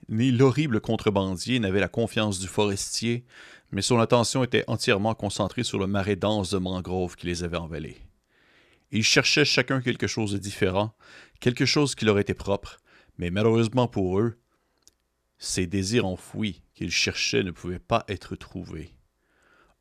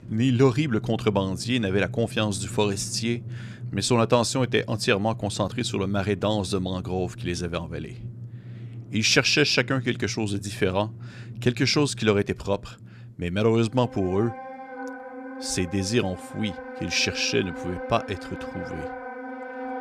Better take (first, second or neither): first